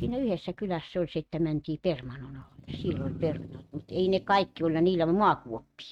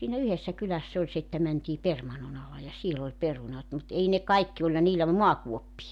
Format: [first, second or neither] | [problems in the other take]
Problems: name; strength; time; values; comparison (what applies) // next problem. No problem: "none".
second | noise reduction (neural mask model RNNoise)